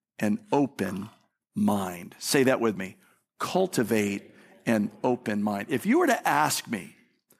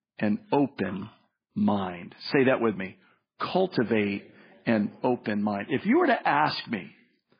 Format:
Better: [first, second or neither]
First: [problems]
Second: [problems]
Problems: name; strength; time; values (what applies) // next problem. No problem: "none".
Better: first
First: none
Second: garbled, watery; badly; nothing above 5 kHz